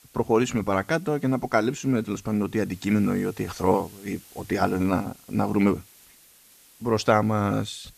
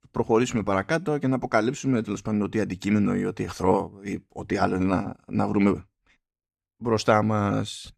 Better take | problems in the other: second | hiss; faint; throughout; 25 dB below the speech

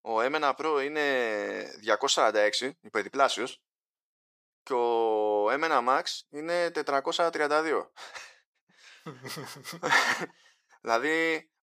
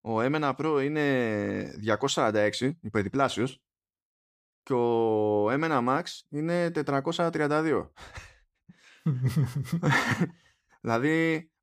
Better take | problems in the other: second | thin; very; fading below 600 Hz

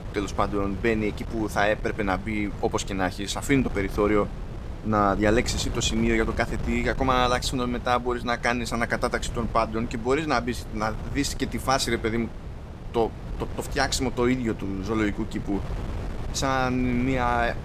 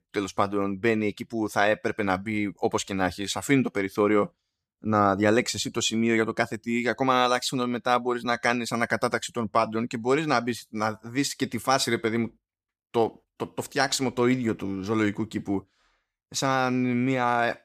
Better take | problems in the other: second | wind noise on the microphone; occasional gusts; 15 dB below the speech

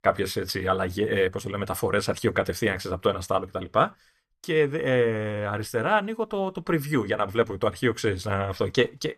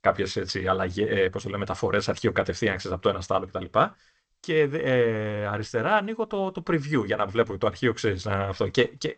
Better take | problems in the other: first | garbled, watery; slightly; nothing above 8 kHz

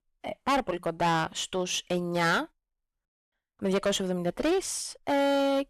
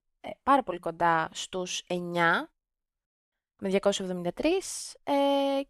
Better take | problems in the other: second | distortion; heavy; 11% of the sound clipped

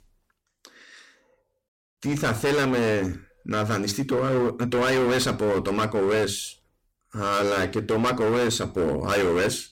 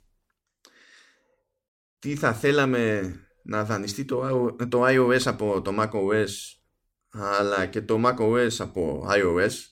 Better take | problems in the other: second | distortion; heavy; 19% of the sound clipped

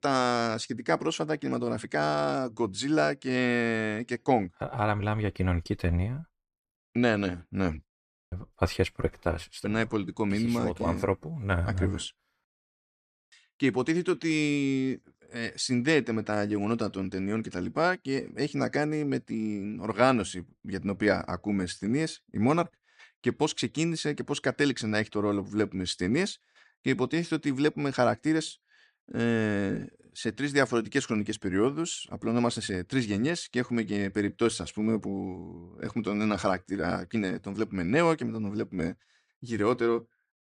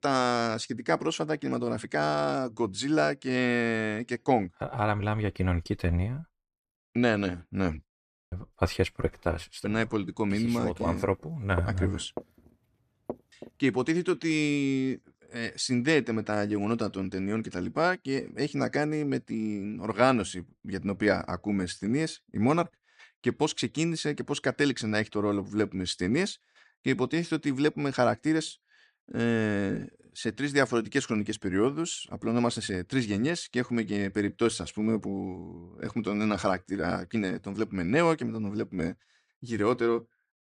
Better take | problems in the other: first | footsteps; faint; from 12 to 13 s; peak 10 dB below the speech

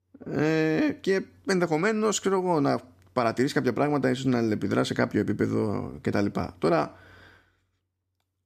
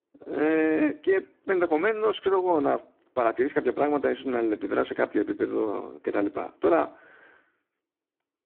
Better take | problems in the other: first | phone-call audio; poor line

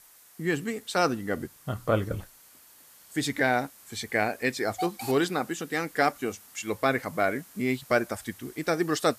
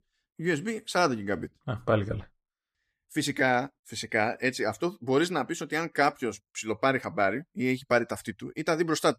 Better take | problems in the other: second | hiss; noticeable; throughout; 20 dB below the speech

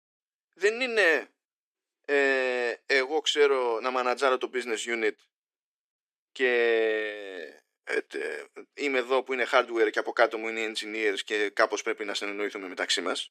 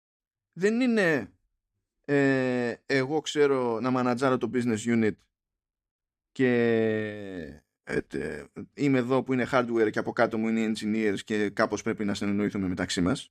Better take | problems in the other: second | thin; very; fading below 350 Hz

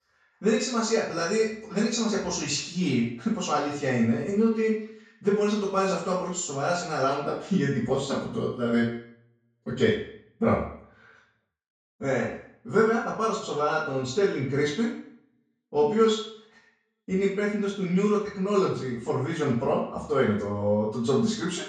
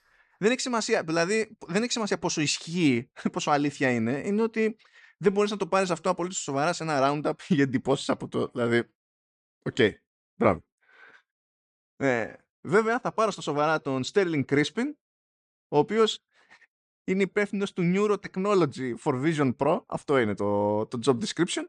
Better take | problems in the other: second | room echo; noticeable; dies away in 0.5 s // off-mic speech; far

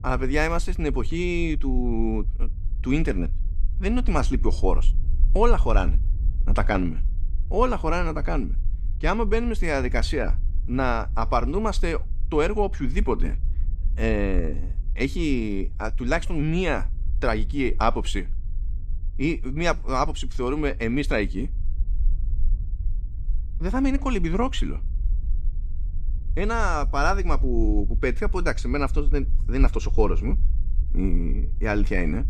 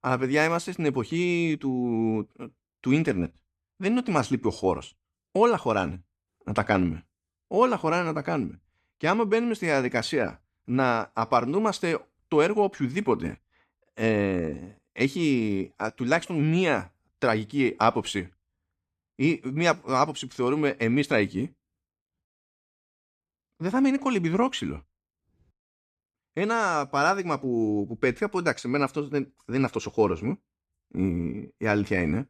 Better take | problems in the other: second | low rumble; faint; throughout; 25 dB below the speech

